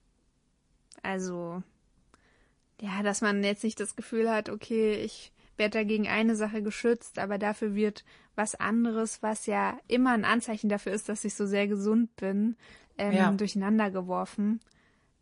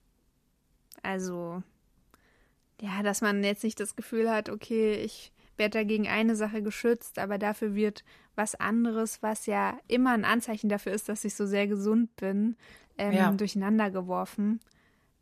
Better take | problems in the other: second | garbled, watery; slightly; nothing above 10.5 kHz

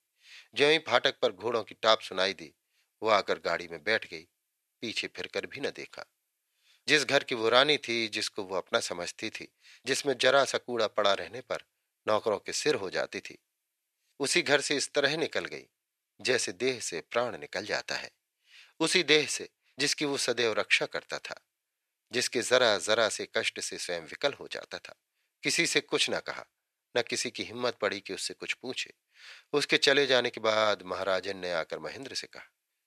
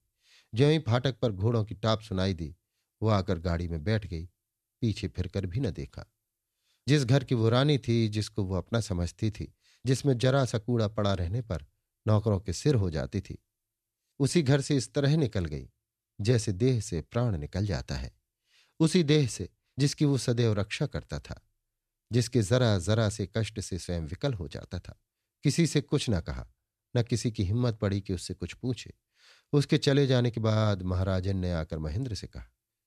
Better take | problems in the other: second | thin; very; fading below 600 Hz

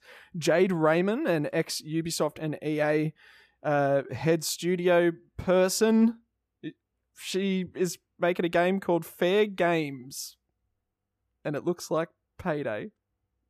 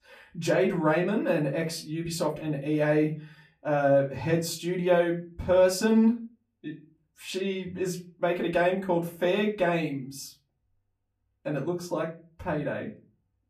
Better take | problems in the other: first | off-mic speech; far // room echo; very slight; dies away in 0.3 s

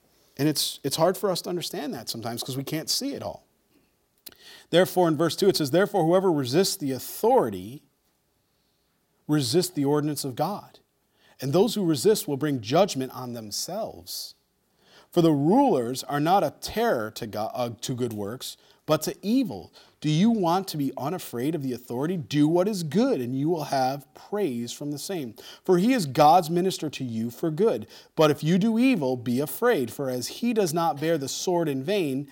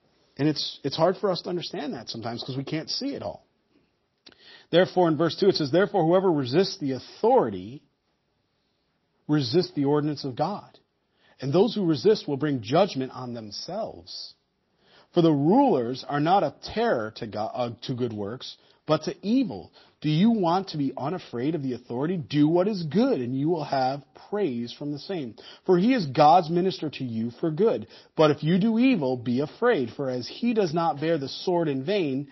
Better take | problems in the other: first | garbled, watery; slightly; nothing above 5.5 kHz

